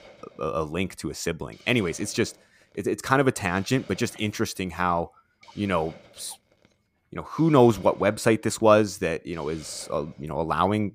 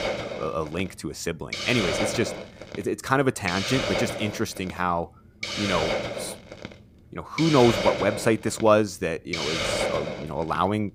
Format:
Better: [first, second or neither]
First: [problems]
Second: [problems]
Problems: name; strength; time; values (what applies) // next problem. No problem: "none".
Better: first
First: hiss; faint; throughout; 25 dB below the speech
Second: hiss; loud; throughout; 4 dB below the speech